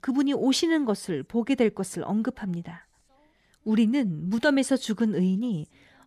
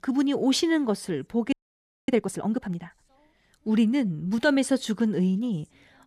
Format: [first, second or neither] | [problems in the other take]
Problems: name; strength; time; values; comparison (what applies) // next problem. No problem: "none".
first | audio freezing; at 1.5 s for 0.5 s